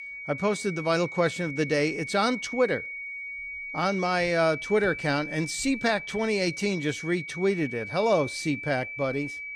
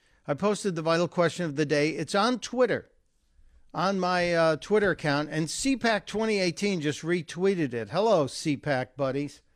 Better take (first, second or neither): second